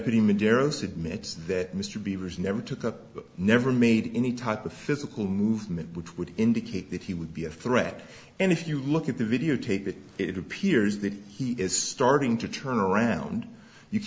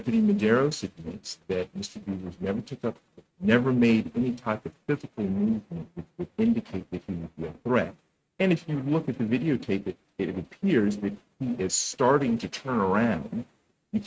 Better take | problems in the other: first | noise reduction (neural mask model RNNoise)

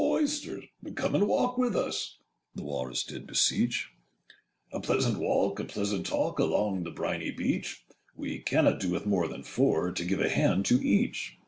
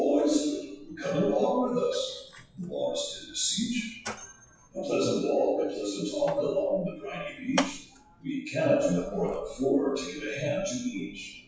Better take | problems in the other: first | noise reduction (classical method WPE with log-MMSE)

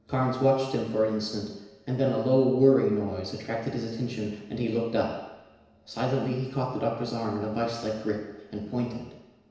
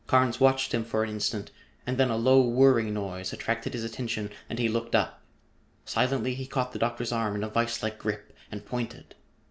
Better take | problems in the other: second | room echo; dies away in 1 s

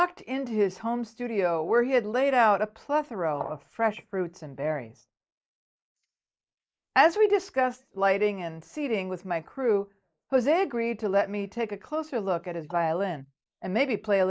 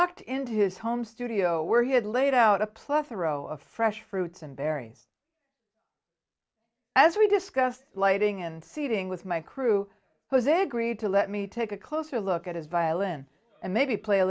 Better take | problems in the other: second | noise reduction (neural mask model Resemble Enhance denoiser)

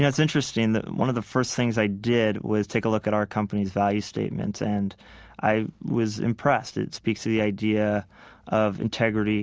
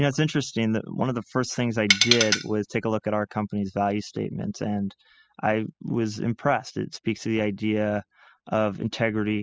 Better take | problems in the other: first | noise reduction (classical method spectral subtraction)

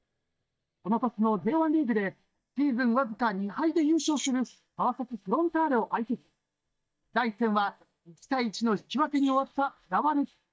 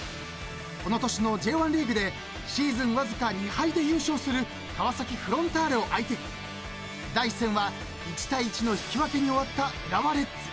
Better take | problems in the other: second | noise reduction (neural mask model DeepFilterNet 3)

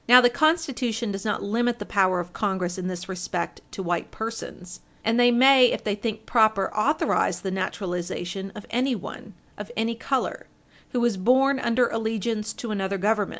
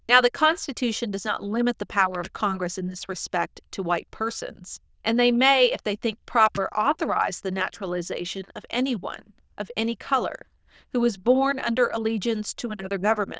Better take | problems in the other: first | noise reduction (neural diffusion model UNIVERSE++)

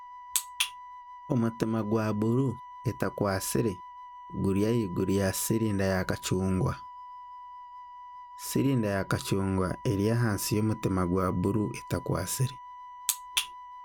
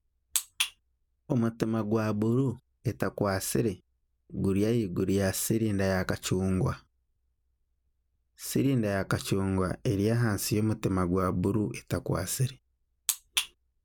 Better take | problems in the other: second | background sound (Wind instrument, woodwind instrument); 16 dB below the speech

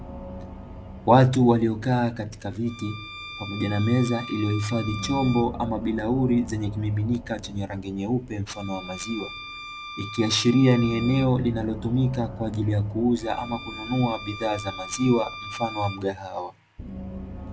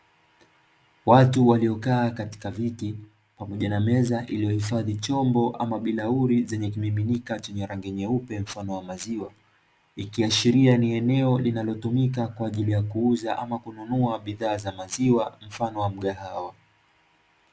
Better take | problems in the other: second | background sound (Bowed string instrument + Gong); 13 dB below the speech

